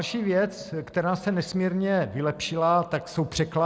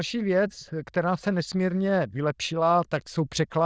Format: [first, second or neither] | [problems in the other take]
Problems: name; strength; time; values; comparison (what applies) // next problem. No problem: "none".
first | noise reduction (neural diffusion model UNIVERSE++)